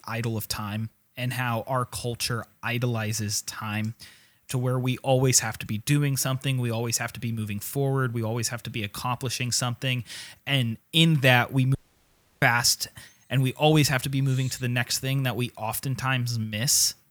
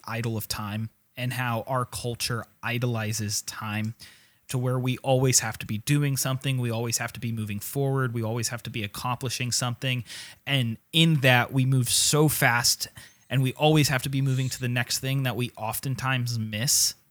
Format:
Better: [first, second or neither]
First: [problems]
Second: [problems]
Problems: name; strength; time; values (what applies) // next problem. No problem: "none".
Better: second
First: audio cutting out; at 12 s for 0.5 s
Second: none